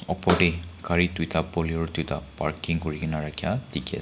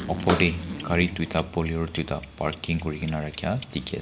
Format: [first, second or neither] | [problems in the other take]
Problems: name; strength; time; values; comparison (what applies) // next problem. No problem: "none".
first | background sound (Clock + Zipper (clothing)); 12 dB below the speech